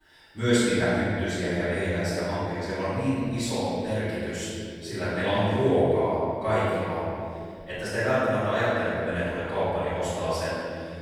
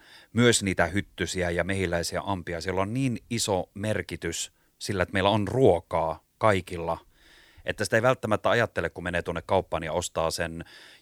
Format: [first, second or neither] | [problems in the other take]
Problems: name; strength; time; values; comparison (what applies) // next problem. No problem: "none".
second | room echo; strong; dies away in 2.2 s // off-mic speech; far